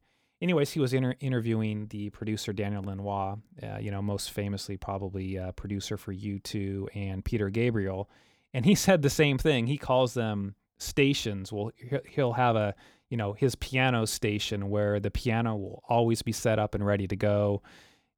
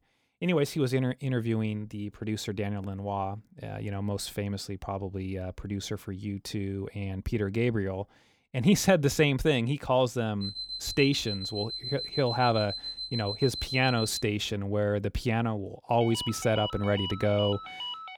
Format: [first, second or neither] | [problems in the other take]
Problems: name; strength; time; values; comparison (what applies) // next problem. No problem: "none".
first | alarm; noticeable; from 10 to 14 s; peak 5 dB below the speech // phone ringing; noticeable; from 16 s on; peak 6 dB below the speech